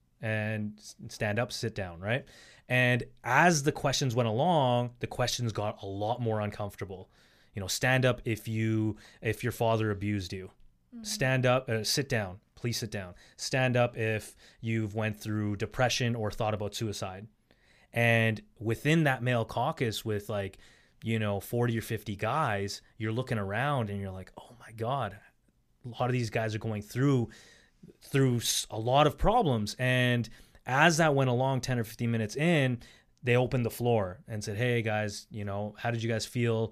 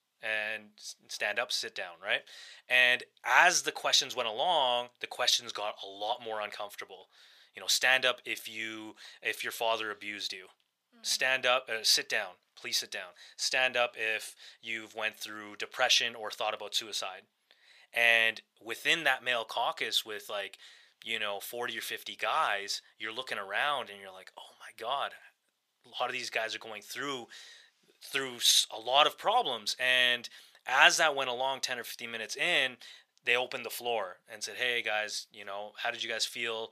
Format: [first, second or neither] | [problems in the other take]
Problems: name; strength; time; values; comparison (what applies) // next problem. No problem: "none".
first | thin; very; fading below 750 Hz